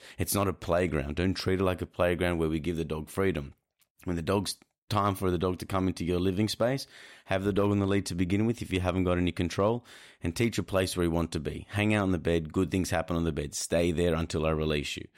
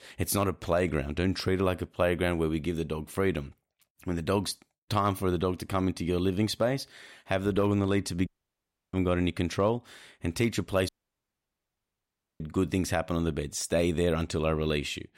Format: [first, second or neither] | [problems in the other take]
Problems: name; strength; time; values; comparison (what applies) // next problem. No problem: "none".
first | audio cutting out; at 8.5 s for 0.5 s and at 11 s for 1.5 s